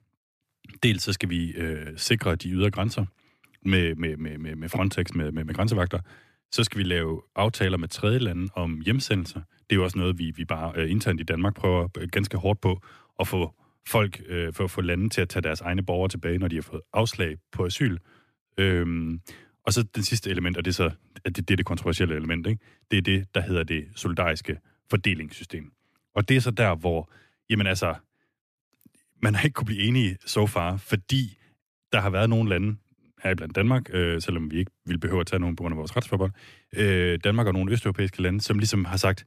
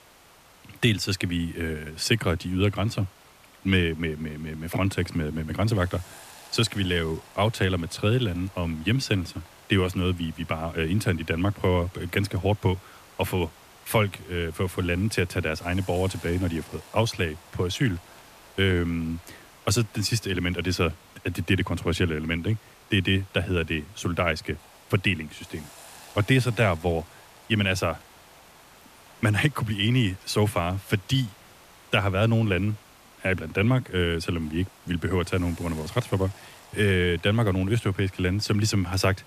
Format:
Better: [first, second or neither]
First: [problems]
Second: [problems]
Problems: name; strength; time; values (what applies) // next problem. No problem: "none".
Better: first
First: none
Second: hiss; faint; throughout; 25 dB below the speech